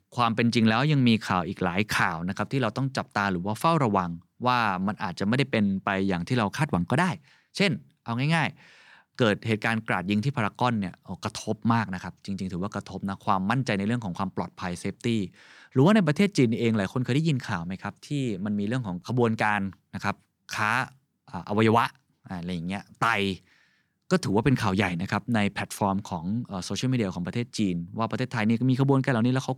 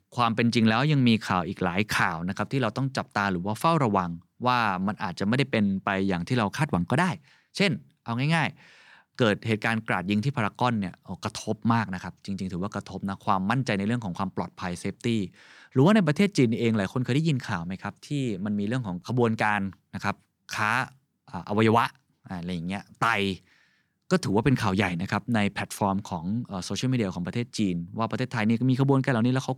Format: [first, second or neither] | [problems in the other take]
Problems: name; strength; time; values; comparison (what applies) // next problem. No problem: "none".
neither | none